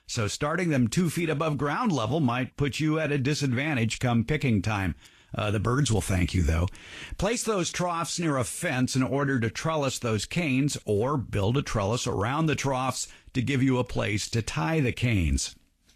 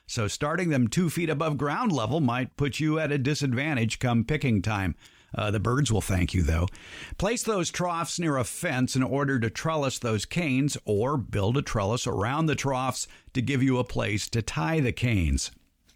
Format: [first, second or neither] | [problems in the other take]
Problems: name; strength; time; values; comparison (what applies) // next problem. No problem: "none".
second | garbled, watery; slightly; nothing above 12.5 kHz